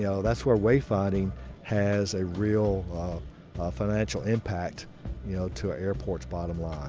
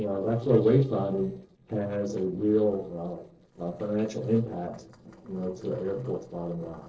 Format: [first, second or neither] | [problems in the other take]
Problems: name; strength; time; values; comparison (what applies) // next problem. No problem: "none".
first | noise reduction (neural separator model SepFormer DNS4)